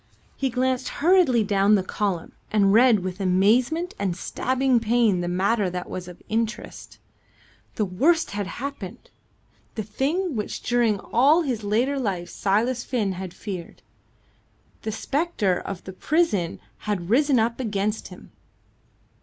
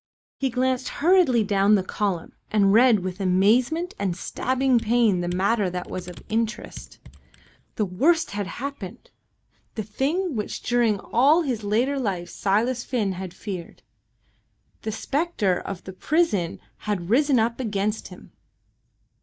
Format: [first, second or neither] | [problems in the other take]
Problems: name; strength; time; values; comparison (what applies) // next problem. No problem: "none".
first | noise reduction (neural mask model DeepFilterNet 3)